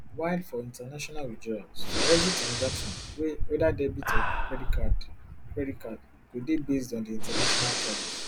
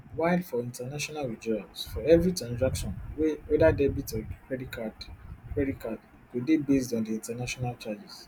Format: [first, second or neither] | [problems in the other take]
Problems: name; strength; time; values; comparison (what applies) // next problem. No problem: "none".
second | background sound (Breathing); 3 dB above the speech